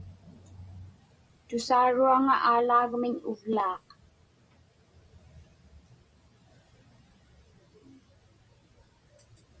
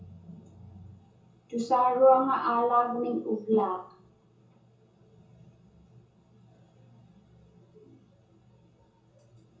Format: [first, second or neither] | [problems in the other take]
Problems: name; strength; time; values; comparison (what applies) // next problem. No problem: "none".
first | room echo; dies away in 0.6 s